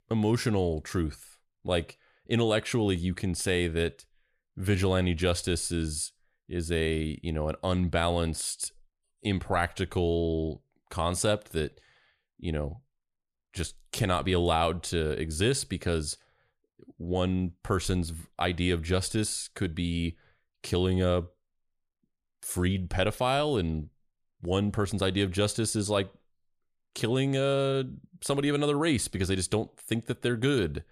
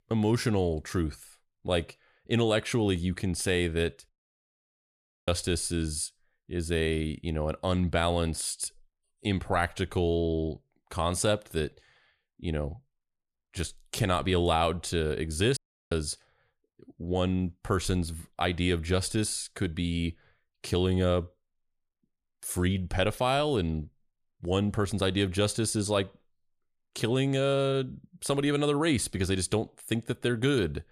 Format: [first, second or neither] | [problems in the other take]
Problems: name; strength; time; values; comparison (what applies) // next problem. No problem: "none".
first | audio cutting out; at 4 s for 1 s and at 16 s